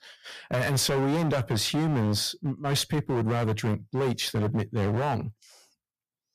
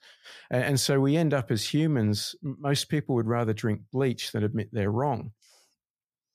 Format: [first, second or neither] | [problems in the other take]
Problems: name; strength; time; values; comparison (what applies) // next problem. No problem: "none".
second | distortion; heavy; 19% of the sound clipped